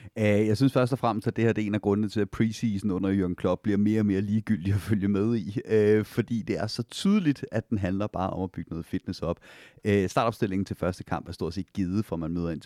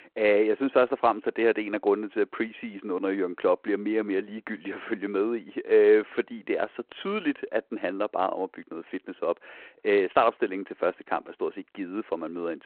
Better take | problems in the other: first | phone-call audio

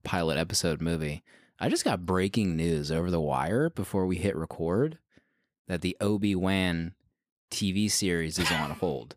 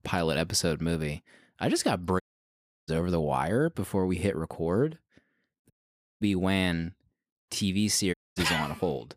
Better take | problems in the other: first | audio cutting out; at 2 s for 0.5 s, at 5.5 s for 0.5 s and at 8 s

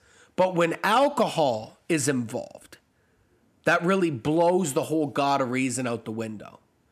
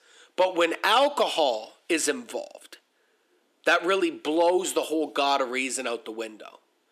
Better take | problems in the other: first | thin; somewhat; fading below 350 Hz

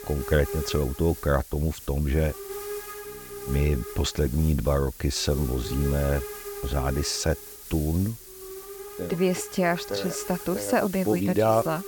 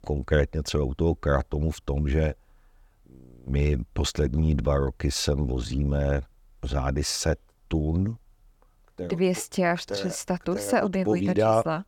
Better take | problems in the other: second | hiss; noticeable; throughout; 10 dB below the speech

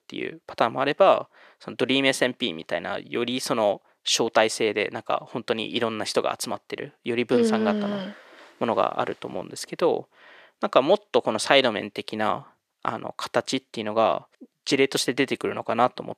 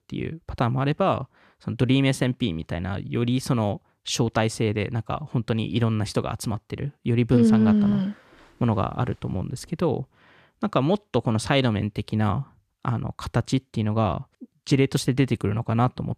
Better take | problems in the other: second | thin; somewhat; fading below 450 Hz

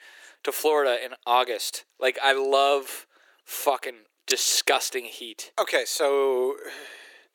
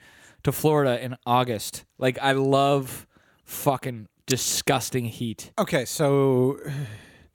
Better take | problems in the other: second | thin; very; fading below 350 Hz

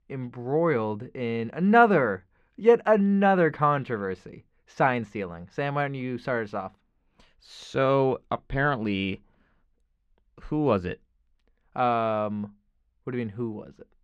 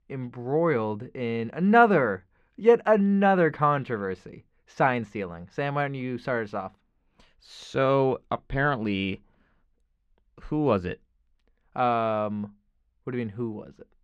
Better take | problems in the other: neither | muffled; slightly; fading above 3 kHz; the same in both

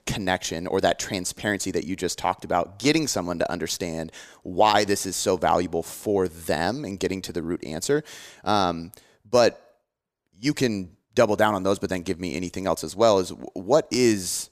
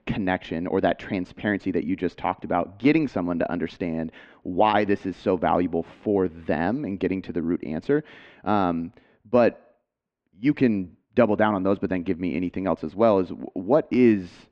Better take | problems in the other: first | muffled; very; fading above 2.5 kHz

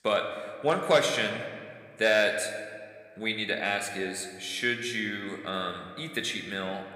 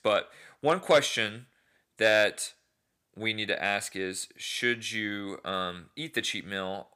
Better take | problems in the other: second | room echo; slight; dies away in 1.5 s

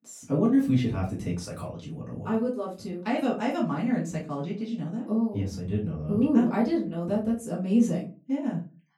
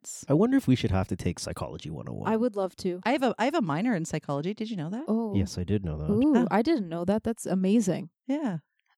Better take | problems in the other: second | room echo; slight; dies away in 0.3 s // off-mic speech; far

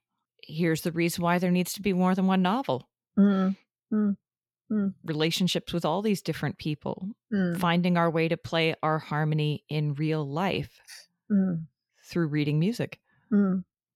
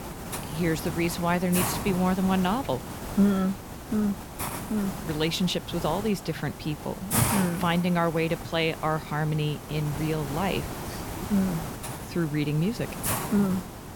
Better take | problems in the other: first | hiss; loud; throughout; 6 dB below the speech

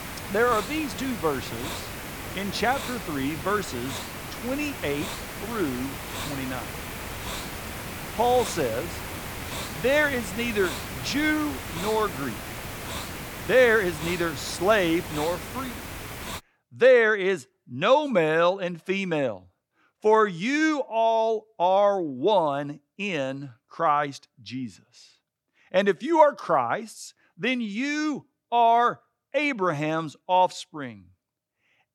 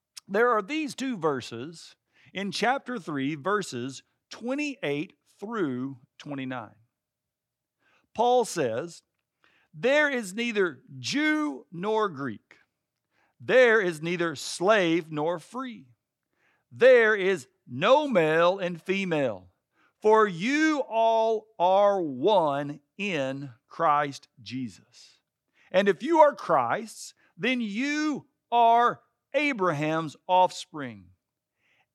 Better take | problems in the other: second | hiss; loud; until 16 s; 10 dB below the speech

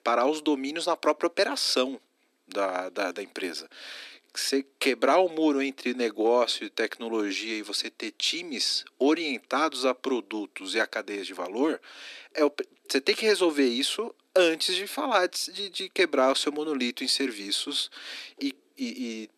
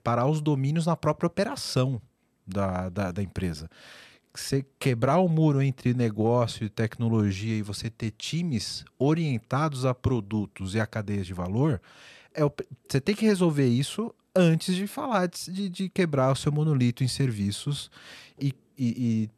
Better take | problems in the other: second | thin; somewhat; fading below 250 Hz

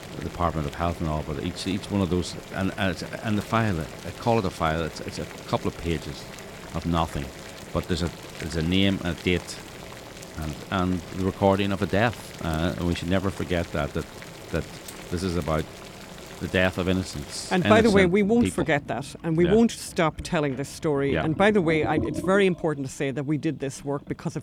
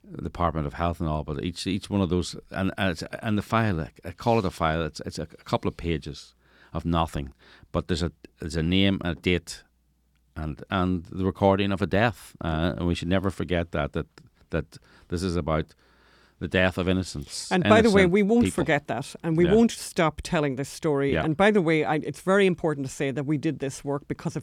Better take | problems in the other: second | household noises; noticeable; throughout; 15 dB below the speech

